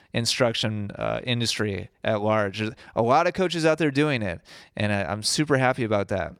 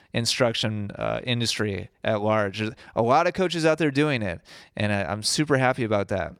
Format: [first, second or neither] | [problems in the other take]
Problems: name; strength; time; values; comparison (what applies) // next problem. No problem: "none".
neither | none